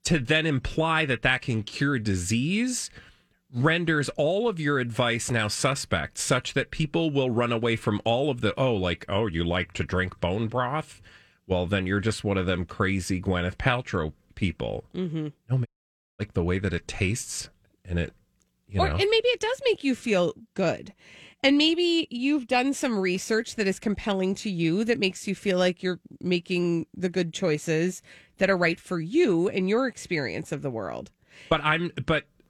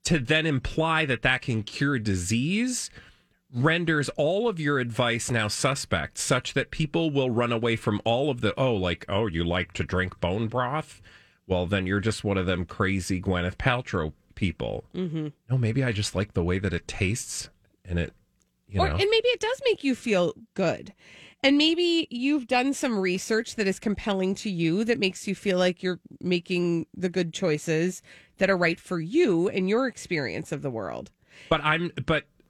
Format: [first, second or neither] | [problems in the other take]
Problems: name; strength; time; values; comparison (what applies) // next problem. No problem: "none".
second | audio cutting out; at 16 s for 0.5 s